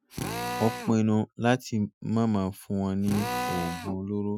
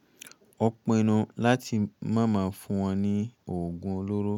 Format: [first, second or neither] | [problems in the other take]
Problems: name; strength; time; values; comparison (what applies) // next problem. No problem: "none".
second | noise reduction (classical method Wiener filter)